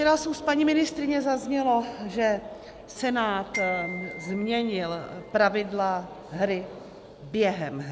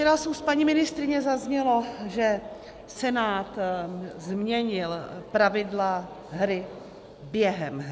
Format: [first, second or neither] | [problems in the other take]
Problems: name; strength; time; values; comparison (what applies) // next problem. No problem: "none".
second | background sound (Glockenspiel); 12 dB below the speech